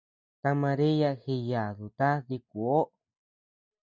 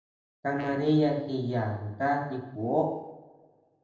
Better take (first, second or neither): first